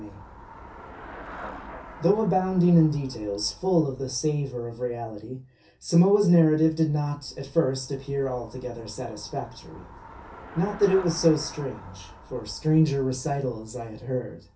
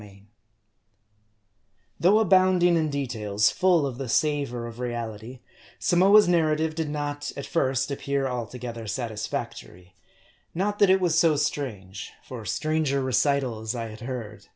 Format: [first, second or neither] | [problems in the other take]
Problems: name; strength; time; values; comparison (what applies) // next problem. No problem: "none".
second | background sound (Traffic noise, roadway noise / Bicycle); 19 dB below the speech // room echo; dies away in 0.3 s